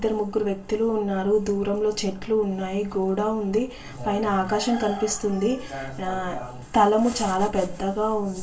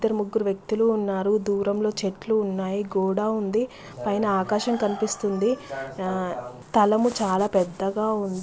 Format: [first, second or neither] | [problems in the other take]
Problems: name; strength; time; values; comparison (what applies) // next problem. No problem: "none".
second | room echo; dies away in 0.2 s